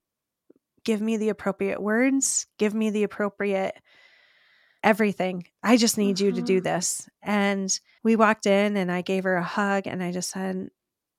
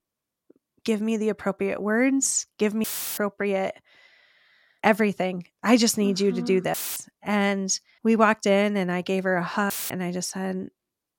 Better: first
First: none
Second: audio cutting out; filled with static; at 3 s, at 6.5 s and at 9.5 s

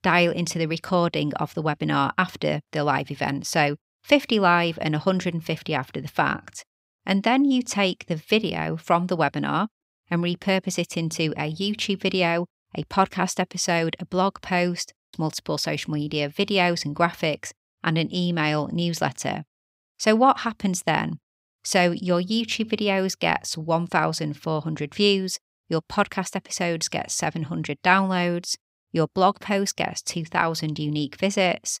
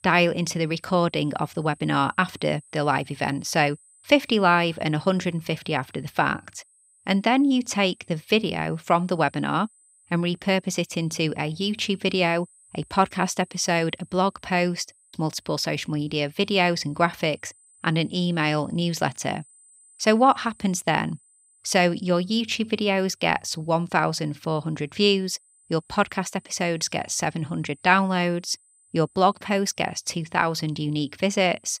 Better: first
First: none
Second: high-pitched whine; faint; throughout; 8 kHz, 30 dB below the speech

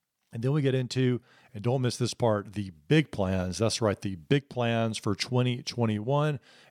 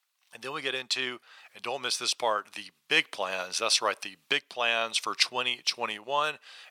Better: first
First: none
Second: thin; very; fading below 900 Hz

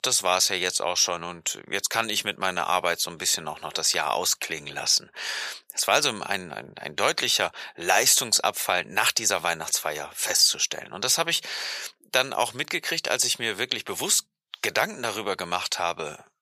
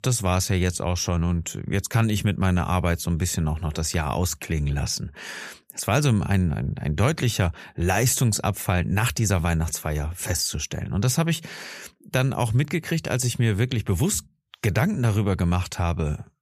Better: second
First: thin; very; fading below 650 Hz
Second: none

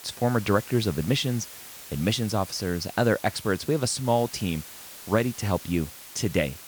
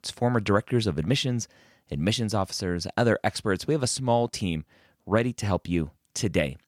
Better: second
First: hiss; noticeable; throughout; 15 dB below the speech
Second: none

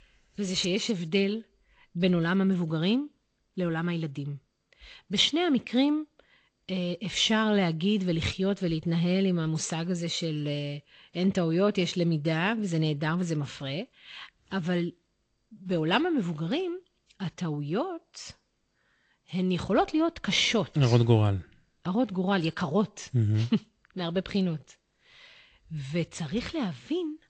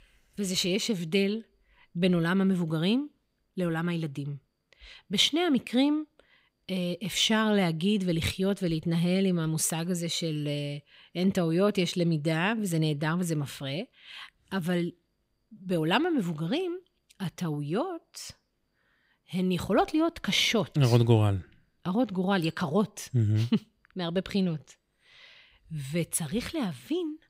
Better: second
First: garbled, watery; slightly; nothing above 8 kHz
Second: none

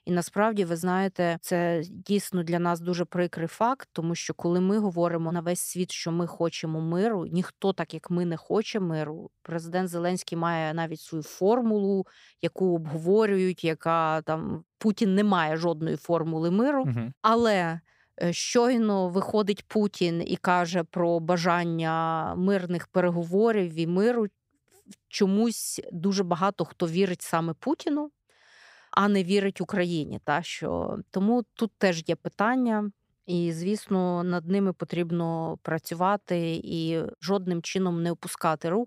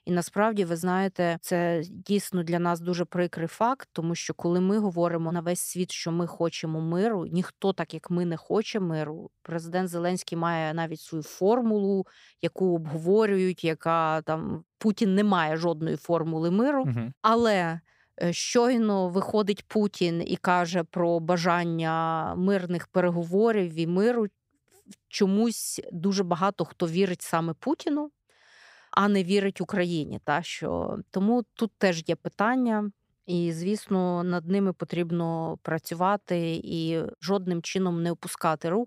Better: neither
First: none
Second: none

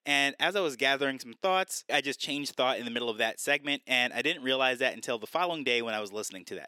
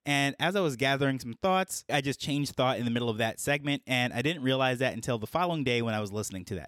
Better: second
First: thin; somewhat; fading below 350 Hz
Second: none

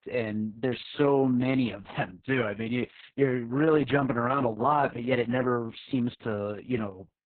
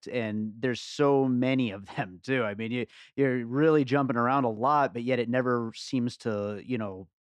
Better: second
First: garbled, watery; badly; nothing above 4 kHz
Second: none

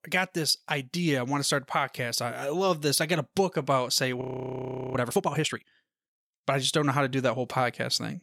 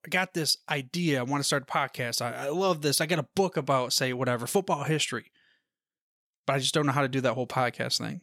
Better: second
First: audio freezing; at 4 s for 0.5 s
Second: none

